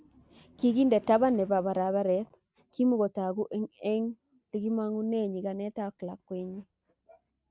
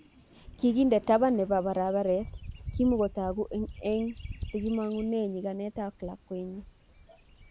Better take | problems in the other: first | background sound (Bird vocalization, bird call, bird song); 15 dB below the speech

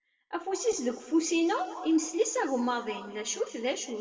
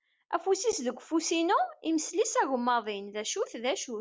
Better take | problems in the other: second | room echo; dies away in 1.8 s

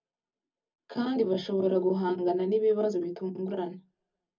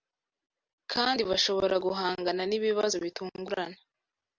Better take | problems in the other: second | room echo; dies away in 0.3 s

